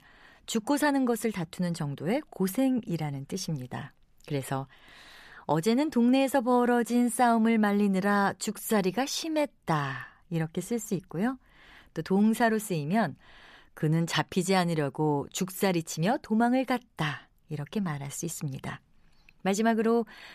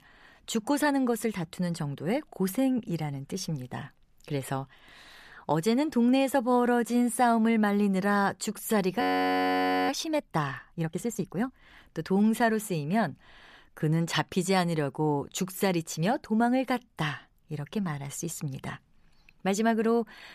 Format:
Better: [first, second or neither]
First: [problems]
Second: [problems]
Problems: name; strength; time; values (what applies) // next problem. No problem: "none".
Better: first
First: none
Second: audio freezing; at 9 s for 1 s